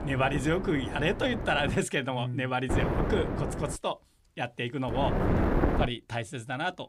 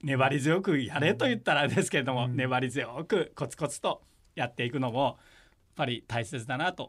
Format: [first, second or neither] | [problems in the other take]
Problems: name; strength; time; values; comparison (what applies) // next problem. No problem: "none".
second | wind noise on the microphone; heavy; until 2 s, from 2.5 to 4 s and at 5 s; 4 dB below the speech